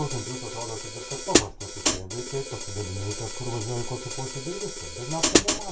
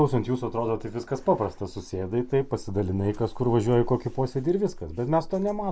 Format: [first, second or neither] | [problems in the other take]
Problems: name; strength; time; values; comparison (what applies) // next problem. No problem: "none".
second | background sound (Hi-hat); 4 dB above the speech // room echo; dies away in 0.3 s